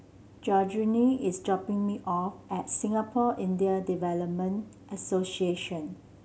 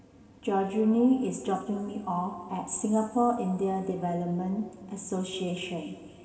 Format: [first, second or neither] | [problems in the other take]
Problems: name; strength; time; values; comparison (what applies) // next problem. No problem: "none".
first | room echo; dies away in 2 s